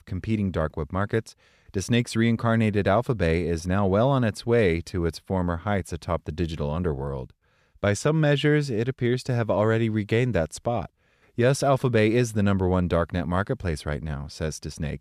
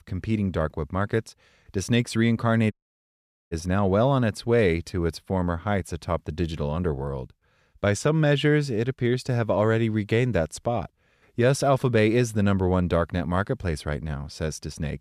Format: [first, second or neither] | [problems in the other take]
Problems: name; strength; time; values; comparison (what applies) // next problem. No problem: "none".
first | audio cutting out; at 2.5 s for 1 s